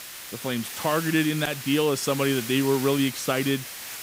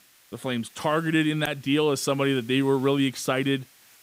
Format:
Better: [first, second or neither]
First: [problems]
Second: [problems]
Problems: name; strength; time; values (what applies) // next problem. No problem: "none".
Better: second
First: hiss; loud; throughout; 9 dB below the speech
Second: hiss; faint; throughout; 25 dB below the speech